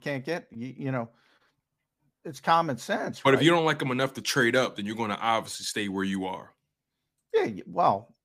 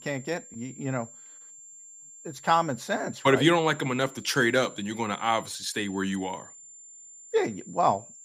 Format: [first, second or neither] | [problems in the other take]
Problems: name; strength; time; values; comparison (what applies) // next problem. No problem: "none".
first | high-pitched whine; noticeable; throughout; 7.5 kHz, 20 dB below the speech